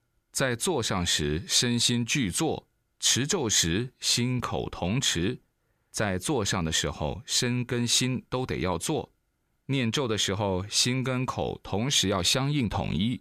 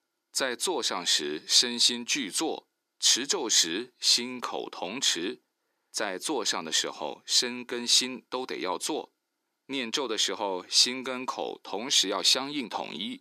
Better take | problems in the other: first | thin; somewhat; fading below 300 Hz

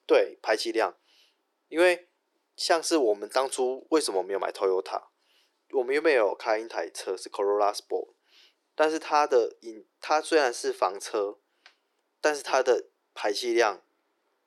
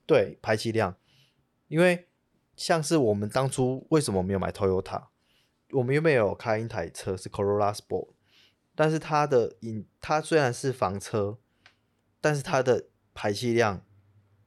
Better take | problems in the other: second | thin; very; fading below 350 Hz

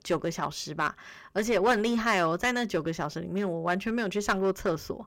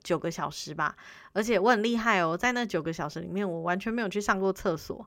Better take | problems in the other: second | distortion; slight; 5% of the sound clipped

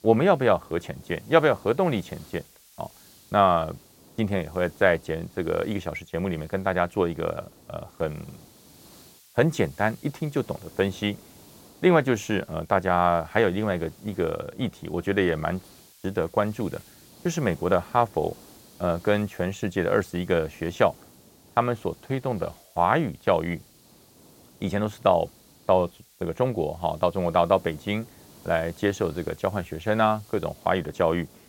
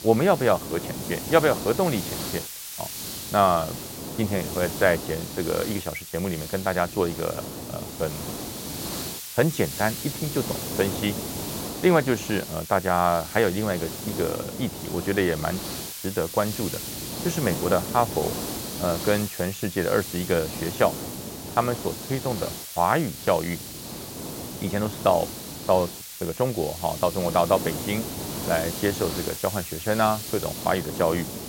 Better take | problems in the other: first | hiss; loud; throughout; 7 dB below the speech; faint in the first

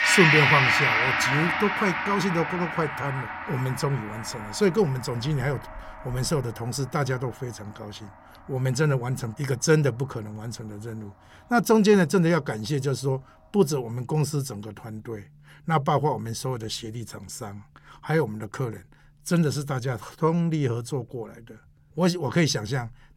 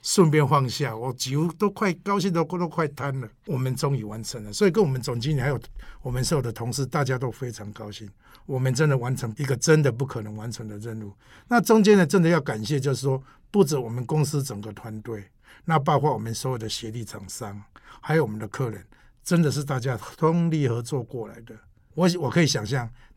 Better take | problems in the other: second | background music; very loud; throughout; 2 dB above the speech

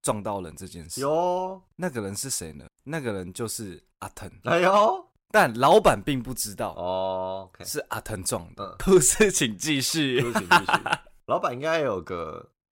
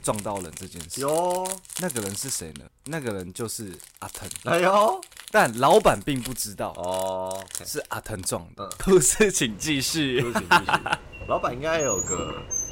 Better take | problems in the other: first | household noises; noticeable; throughout; 10 dB below the speech

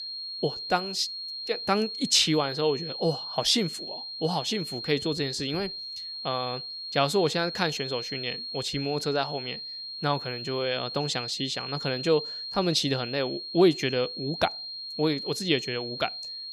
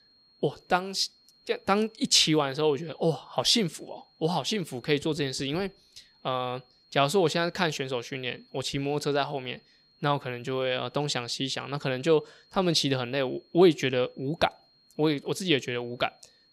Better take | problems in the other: second | high-pitched whine; loud; throughout; 4 kHz, 6 dB below the speech; faint in the second

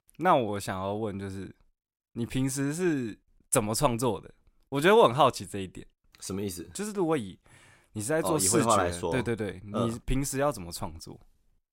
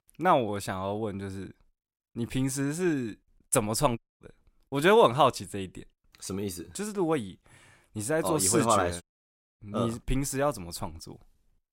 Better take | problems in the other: first | audio cutting out; at 4 s and at 9 s for 0.5 s

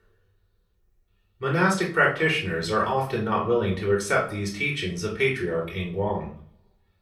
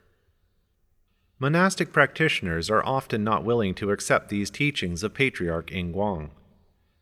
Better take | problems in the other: second | off-mic speech; far // room echo; slight; dies away in 0.3 s

